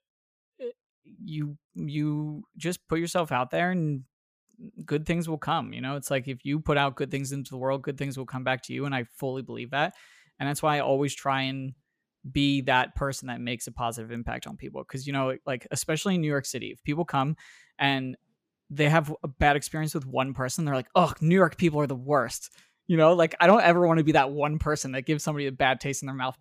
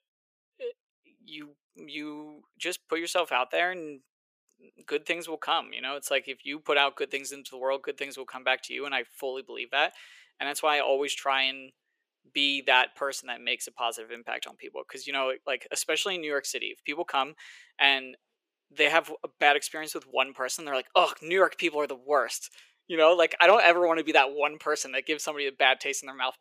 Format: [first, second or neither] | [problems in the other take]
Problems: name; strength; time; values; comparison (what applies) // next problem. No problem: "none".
first | thin; very; fading below 400 Hz